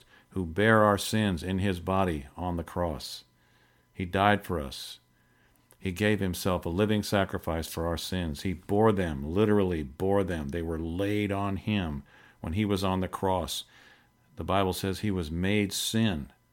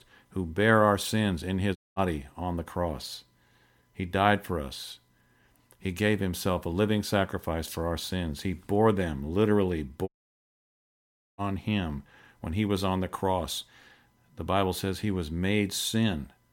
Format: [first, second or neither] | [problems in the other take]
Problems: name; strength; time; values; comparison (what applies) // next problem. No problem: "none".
first | audio cutting out; at 2 s and at 10 s for 1.5 s